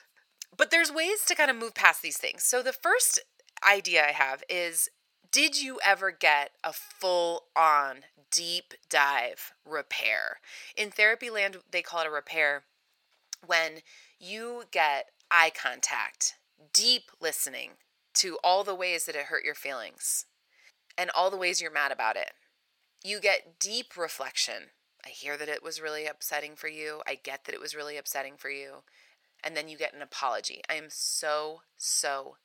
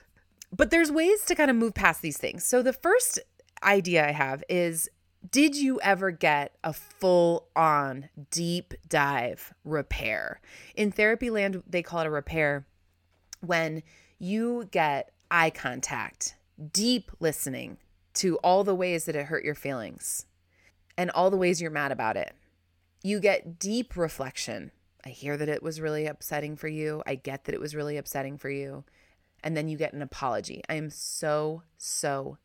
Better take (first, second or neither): second